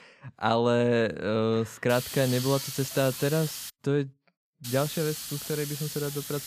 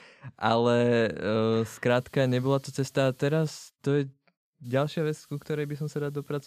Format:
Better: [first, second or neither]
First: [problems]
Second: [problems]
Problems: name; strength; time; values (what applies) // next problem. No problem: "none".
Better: second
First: hiss; loud; from 2 to 3.5 s and from 4.5 s on; 8 dB below the speech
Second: hiss; faint; from 2 to 3.5 s and from 4.5 s on; 30 dB below the speech